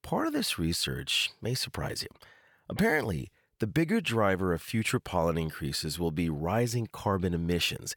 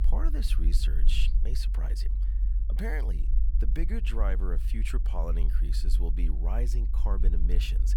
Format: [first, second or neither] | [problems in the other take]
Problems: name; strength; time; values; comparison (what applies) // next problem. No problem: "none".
first | low rumble; noticeable; throughout; 10 dB below the speech